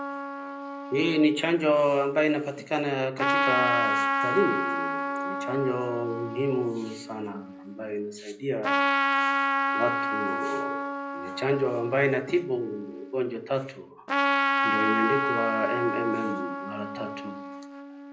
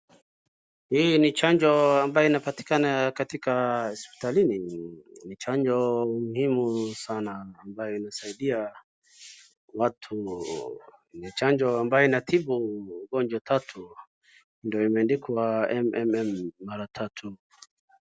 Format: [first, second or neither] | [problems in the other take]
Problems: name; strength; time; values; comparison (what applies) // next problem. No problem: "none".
second | background sound (Trumpet); as loud as the speech // room echo; dies away in 0.5 s